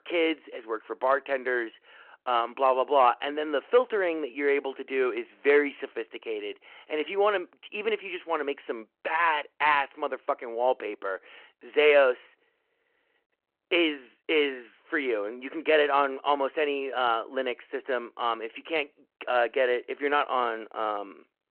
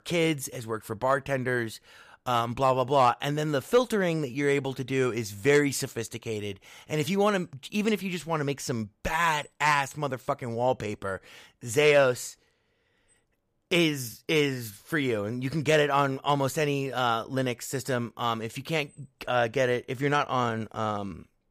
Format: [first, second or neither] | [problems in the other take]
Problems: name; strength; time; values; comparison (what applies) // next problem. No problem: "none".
second | phone-call audio